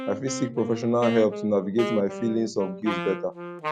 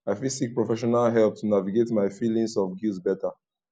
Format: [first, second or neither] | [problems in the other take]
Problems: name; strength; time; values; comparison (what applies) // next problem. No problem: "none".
second | background sound (Wind instrument, woodwind instrument); 8 dB below the speech